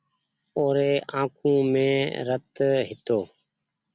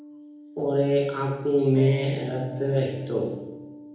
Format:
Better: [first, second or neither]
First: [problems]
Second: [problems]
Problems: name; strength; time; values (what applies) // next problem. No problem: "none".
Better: first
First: none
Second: background sound (Acoustic guitar); 17 dB below the speech // room echo; dies away in 0.9 s